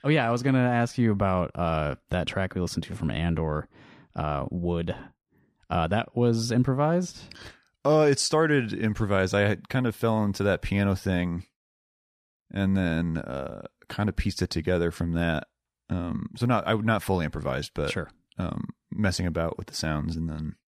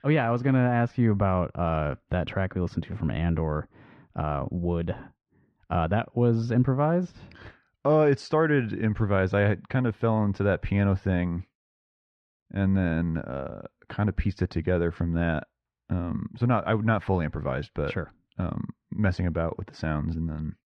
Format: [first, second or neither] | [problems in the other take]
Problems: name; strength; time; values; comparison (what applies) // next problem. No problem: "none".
first | muffled; slightly; fading above 2 kHz